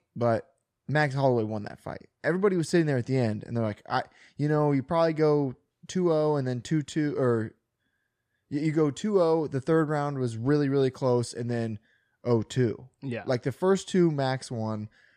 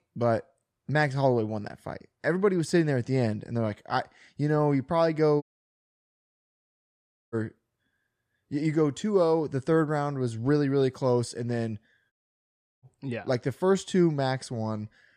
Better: first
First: none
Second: audio cutting out; at 5.5 s for 2 s and at 12 s for 0.5 s

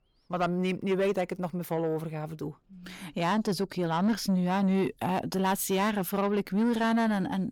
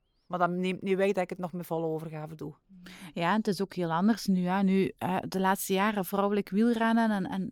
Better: second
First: distortion; slight; 10 dB below the speech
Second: none

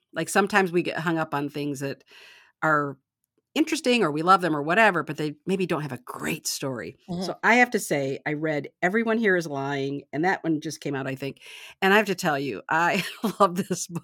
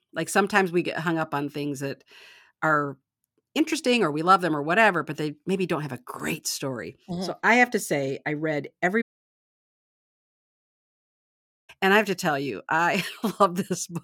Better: first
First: none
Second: audio cutting out; at 9 s for 2.5 s

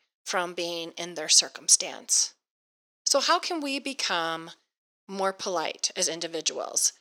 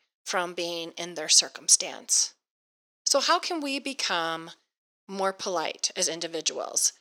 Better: neither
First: thin; somewhat; fading below 450 Hz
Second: thin; somewhat; fading below 450 Hz

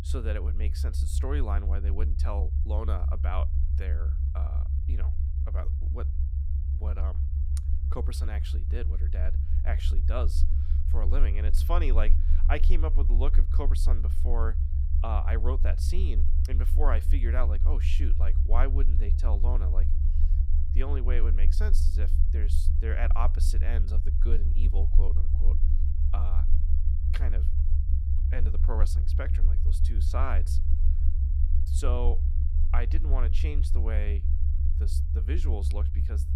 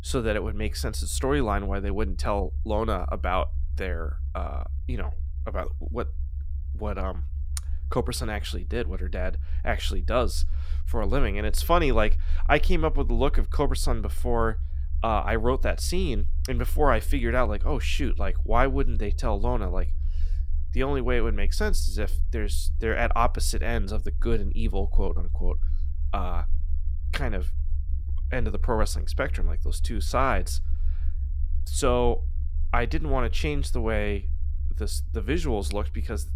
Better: second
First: low rumble; loud; throughout; 7 dB below the speech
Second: low rumble; faint; throughout; 25 dB below the speech

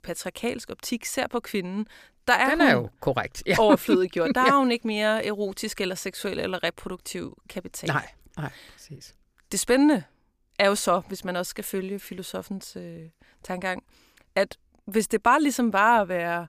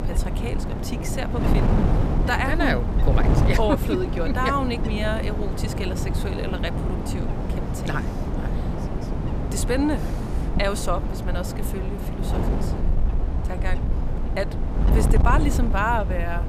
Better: first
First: none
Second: wind noise on the microphone; heavy; 6 dB below the speech

